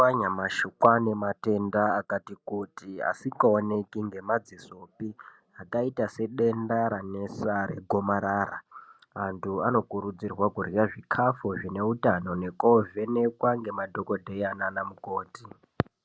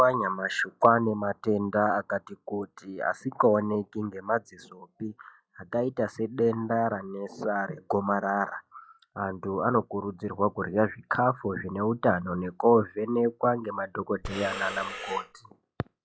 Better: first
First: none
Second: noise reduction (classical method log-MMSE)

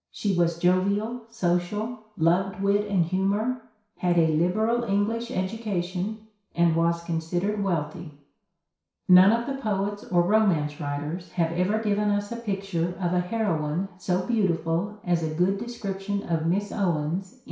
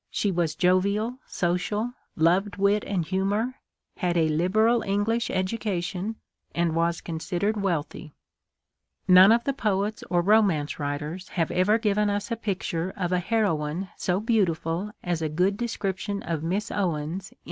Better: second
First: room echo; dies away in 0.6 s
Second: none

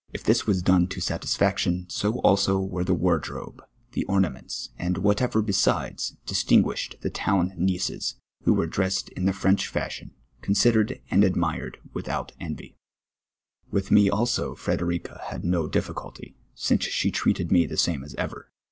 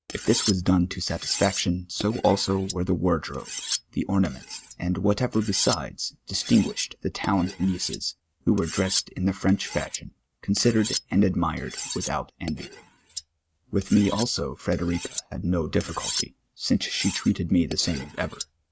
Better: first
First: none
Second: noise reduction (neural mask model RNNoise)

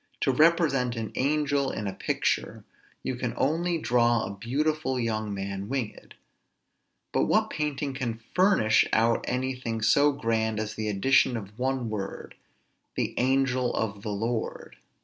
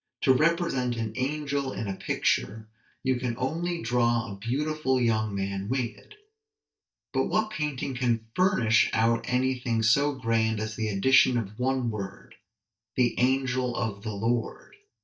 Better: first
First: none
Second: noise reduction (neural mask model DeepFilterNet 3)

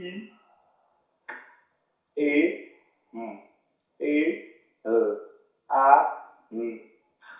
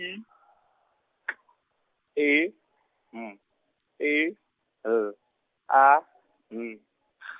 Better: second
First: room echo; dies away in 0.6 s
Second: none

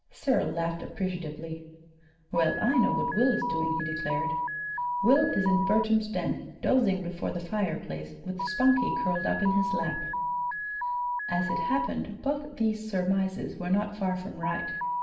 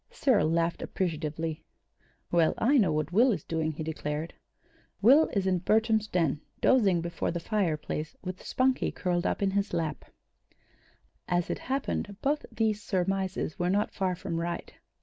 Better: second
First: background sound (Alarm); 5 dB below the speech // room echo; dies away in 0.9 s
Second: none

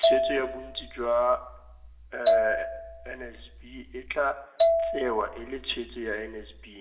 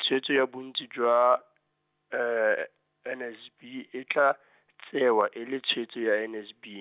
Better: second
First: background sound (Marimba, xylophone); 2 dB above the speech // room echo; dies away in 0.7 s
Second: none

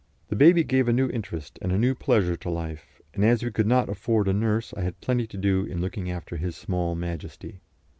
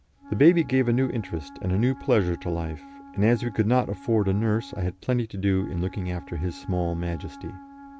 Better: first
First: none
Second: background sound (Wind instrument, woodwind instrument); 19 dB below the speech

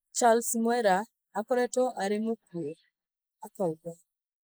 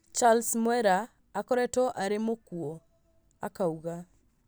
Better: second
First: noise reduction (neural mask model Resemble Enhance denoiser)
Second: none

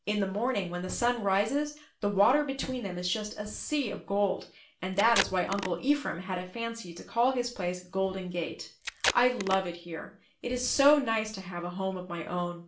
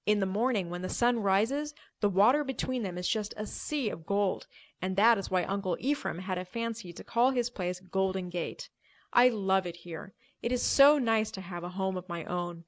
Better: second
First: background sound (Packing tape, duct tape); 5 dB below the speech // room echo; dies away in 0.3 s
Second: none

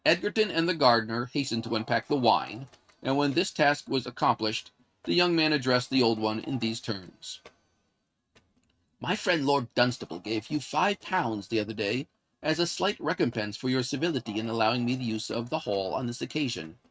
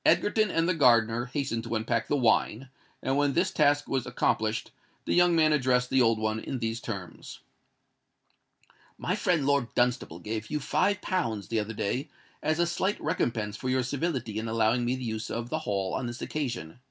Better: second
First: noise reduction (neural mask model RNNoise)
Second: none

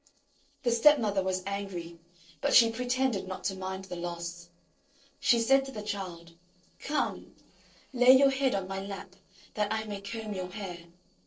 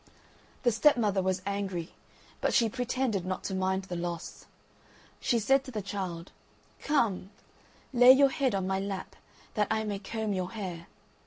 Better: second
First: noise reduction (neural separator model SepFormer DNS4)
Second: none

